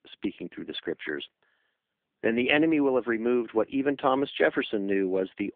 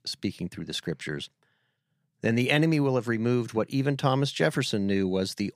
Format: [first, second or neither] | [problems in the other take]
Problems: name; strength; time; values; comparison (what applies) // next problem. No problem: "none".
second | phone-call audio